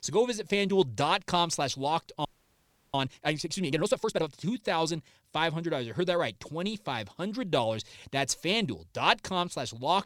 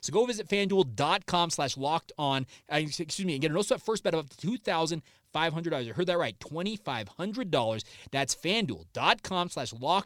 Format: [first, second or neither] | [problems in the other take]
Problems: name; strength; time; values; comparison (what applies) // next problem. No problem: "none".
second | audio freezing; at 2.5 s for 0.5 s